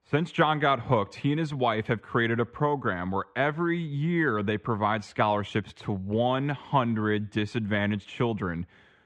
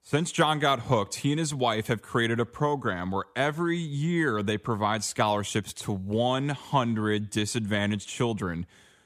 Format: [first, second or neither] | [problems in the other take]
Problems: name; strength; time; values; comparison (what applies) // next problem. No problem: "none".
second | muffled; very; fading above 2.5 kHz